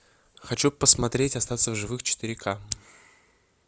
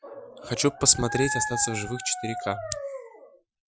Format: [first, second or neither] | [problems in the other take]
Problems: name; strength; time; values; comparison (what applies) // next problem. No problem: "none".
first | noise reduction (classical method Wiener filter)